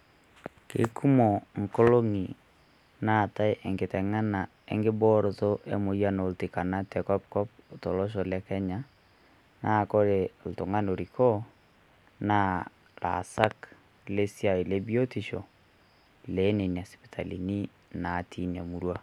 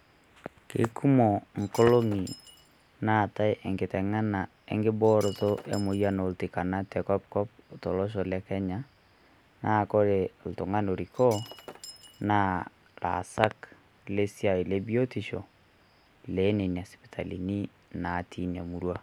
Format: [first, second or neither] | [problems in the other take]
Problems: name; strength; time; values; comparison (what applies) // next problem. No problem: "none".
first | background sound (Shatter); 18 dB below the speech